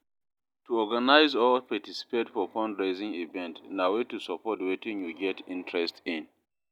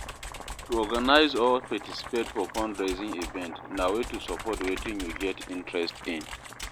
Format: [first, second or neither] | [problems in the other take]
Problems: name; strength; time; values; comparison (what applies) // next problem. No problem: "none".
first | background sound (Boiling + Computer keyboard); 10 dB below the speech